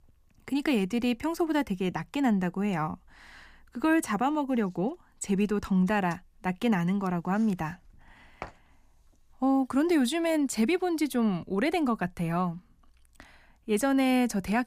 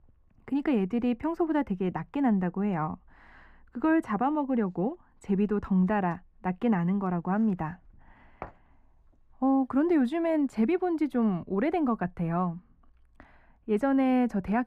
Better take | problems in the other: first | muffled; very; fading above 3 kHz

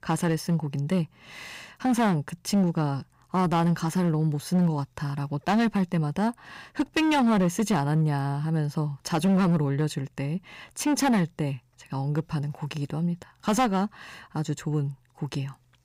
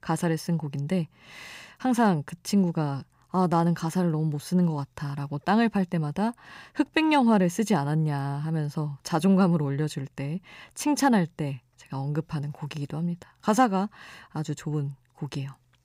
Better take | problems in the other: second | distortion; slight; 7% of the sound clipped

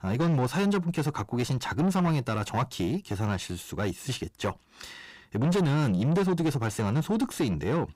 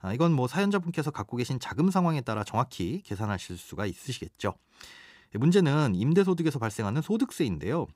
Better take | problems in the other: second | distortion; heavy; 7 dB below the speech

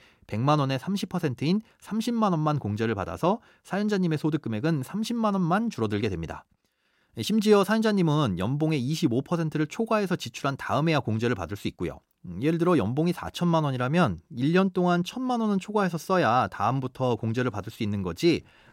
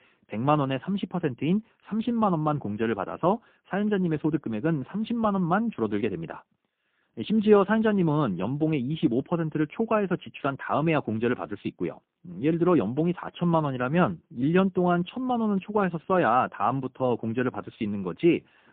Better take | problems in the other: first | phone-call audio; poor line

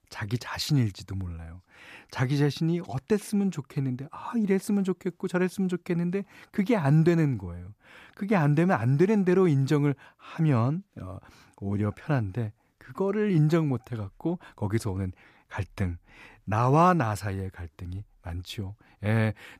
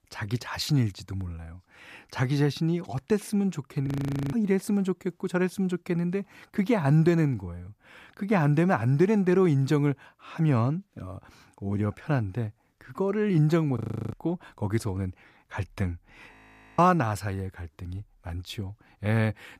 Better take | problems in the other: first | audio freezing; at 4 s, at 14 s and at 16 s

